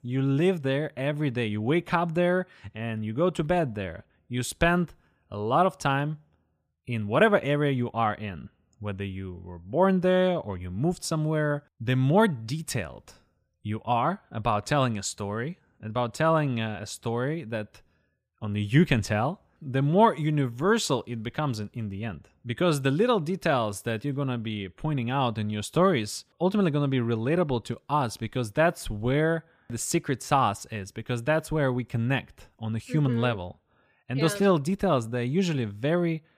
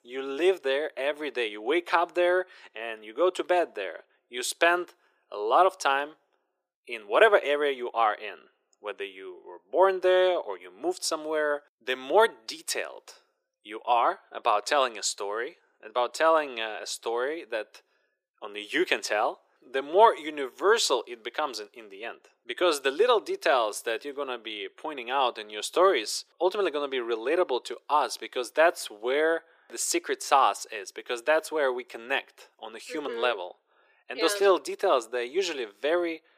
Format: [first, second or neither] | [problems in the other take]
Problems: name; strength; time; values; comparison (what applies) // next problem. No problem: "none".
first | thin; very; fading below 350 Hz